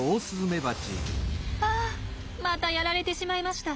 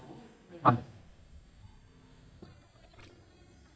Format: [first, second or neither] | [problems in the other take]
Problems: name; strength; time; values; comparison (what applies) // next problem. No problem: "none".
first | noise reduction (neural mask model DeepFilterNet 3)